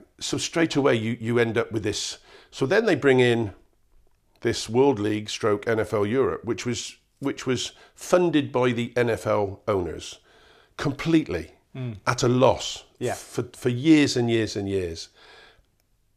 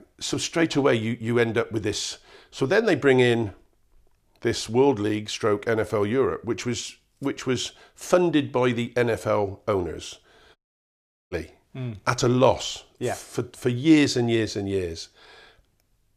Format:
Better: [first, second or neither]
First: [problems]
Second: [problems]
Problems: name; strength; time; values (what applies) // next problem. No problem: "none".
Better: first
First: none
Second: audio cutting out; at 11 s for 1 s